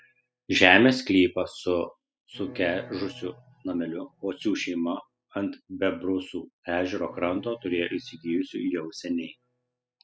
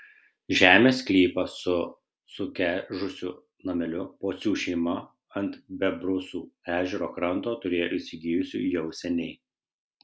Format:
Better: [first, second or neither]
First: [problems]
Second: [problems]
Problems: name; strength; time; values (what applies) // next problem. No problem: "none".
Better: second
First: noise reduction (classical method spectral subtraction)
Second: none